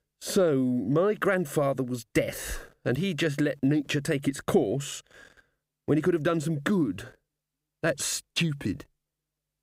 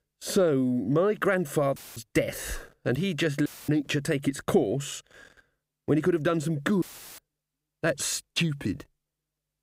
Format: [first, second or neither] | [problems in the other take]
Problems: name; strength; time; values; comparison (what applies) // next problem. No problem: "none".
first | audio cutting out; filled with static; at 2 s, at 3.5 s and at 7 s